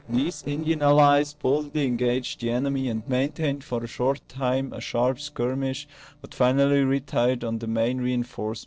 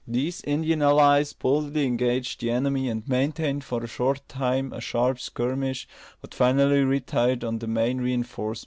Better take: second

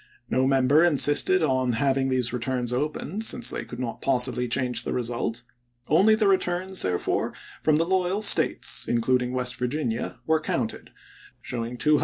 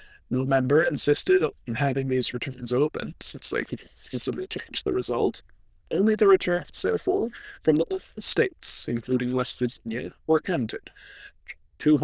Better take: first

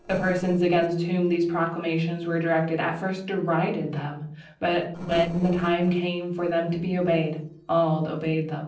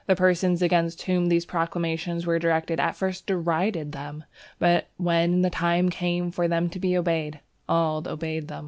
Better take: second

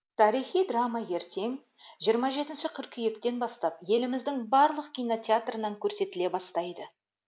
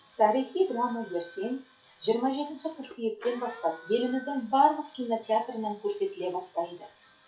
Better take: first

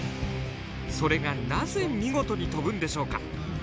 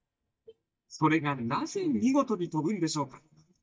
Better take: first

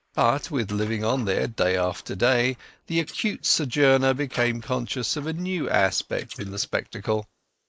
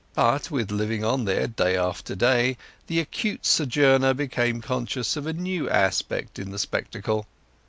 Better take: second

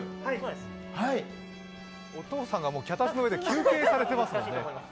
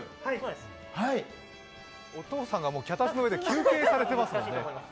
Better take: second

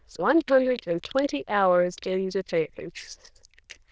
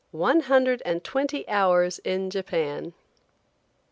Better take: second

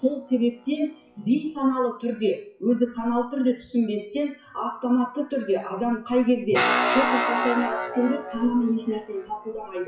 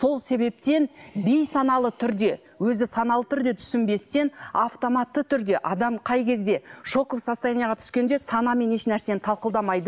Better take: second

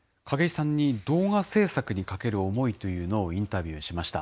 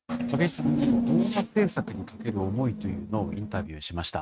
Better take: first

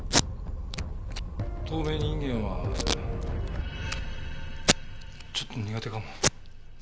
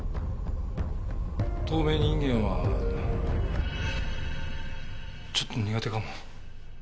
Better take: second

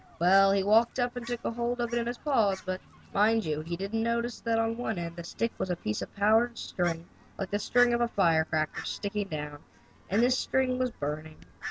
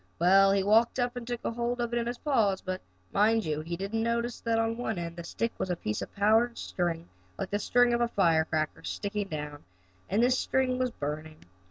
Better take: second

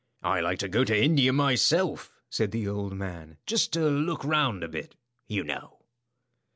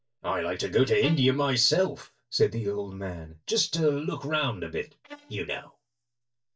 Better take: first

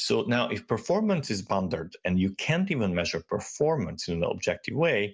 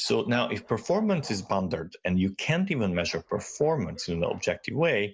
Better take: first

